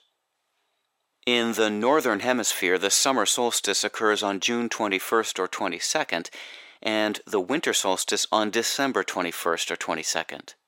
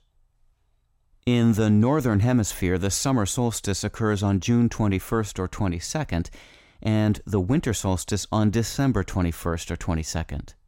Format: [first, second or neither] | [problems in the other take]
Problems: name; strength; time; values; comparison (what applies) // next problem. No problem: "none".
second | thin; very; fading below 400 Hz